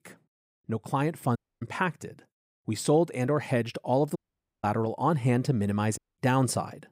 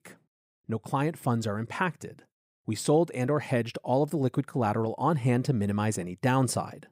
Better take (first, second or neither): second